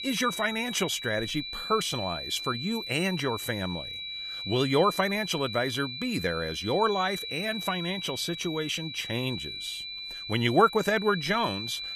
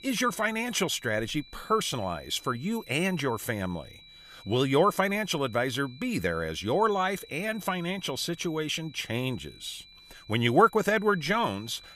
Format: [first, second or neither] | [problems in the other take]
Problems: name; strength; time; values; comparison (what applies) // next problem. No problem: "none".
second | high-pitched whine; loud; throughout; 4 kHz, 7 dB below the speech; faint in the second